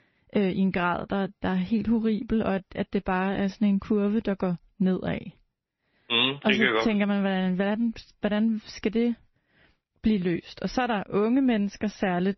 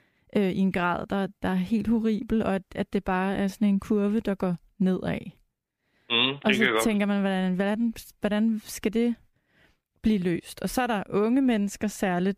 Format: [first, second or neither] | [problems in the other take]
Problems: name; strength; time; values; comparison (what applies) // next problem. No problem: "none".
second | garbled, watery; slightly; nothing above 6 kHz